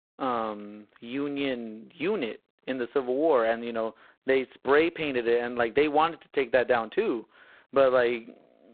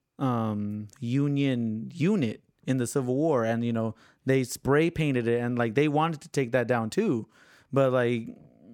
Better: second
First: phone-call audio; poor line; nothing above 4 kHz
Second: none

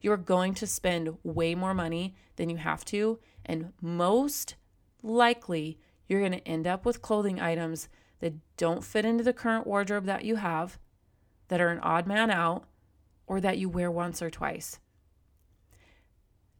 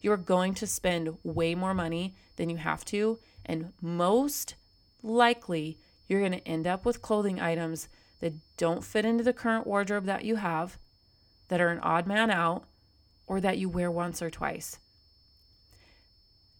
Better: first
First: none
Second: high-pitched whine; faint; throughout; 5.5 kHz, 35 dB below the speech

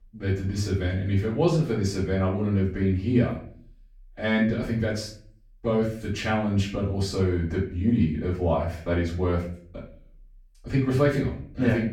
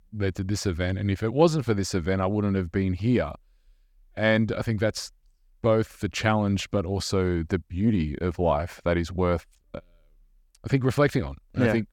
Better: second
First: room echo; slight; dies away in 0.4 s // off-mic speech; far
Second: none

